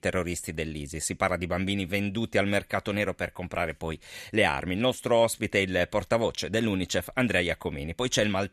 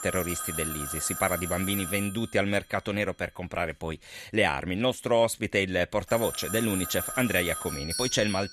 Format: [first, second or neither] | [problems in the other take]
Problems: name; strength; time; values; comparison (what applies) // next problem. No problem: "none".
first | alarms or sirens; loud; throughout; 5 dB below the speech